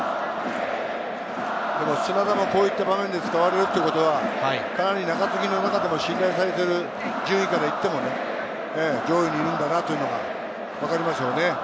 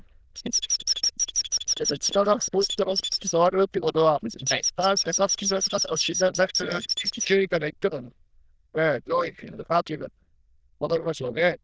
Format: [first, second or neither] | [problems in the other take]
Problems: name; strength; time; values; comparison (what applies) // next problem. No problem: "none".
first | noise reduction (neural diffusion model UNIVERSE++)